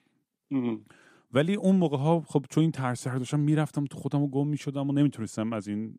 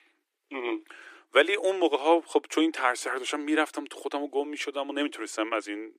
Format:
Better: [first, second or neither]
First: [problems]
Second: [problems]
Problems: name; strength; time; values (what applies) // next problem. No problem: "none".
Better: first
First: none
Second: thin; very; fading below 300 Hz